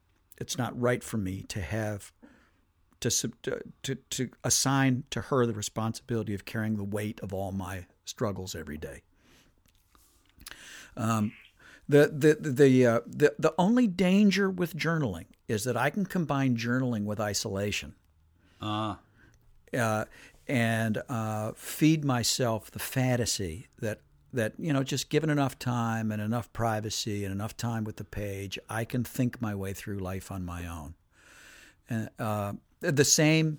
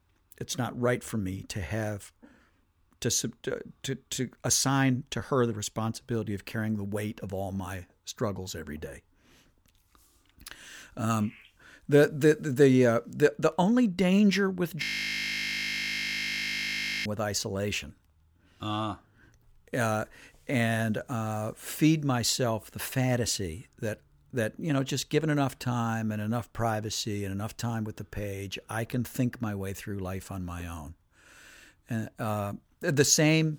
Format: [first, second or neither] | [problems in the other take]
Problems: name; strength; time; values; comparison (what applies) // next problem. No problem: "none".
first | audio freezing; at 15 s for 2 s